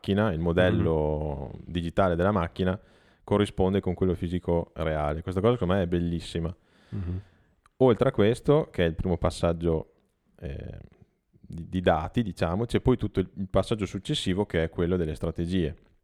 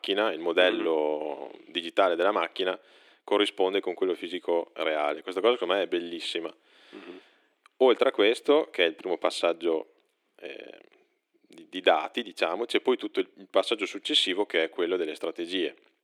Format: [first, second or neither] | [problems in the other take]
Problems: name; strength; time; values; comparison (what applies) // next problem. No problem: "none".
first | thin; somewhat; fading below 300 Hz